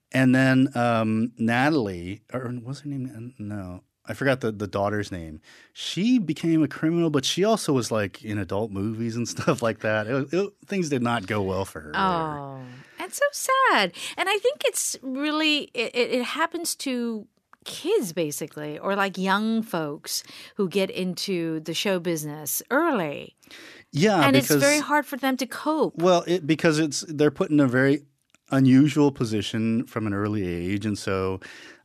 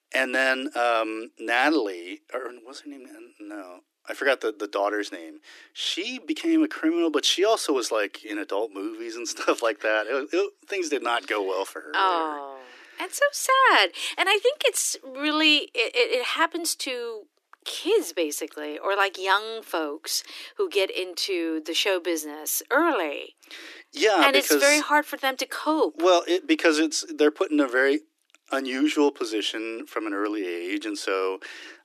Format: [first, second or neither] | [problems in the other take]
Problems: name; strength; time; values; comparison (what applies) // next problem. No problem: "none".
first | thin; somewhat; fading below 300 Hz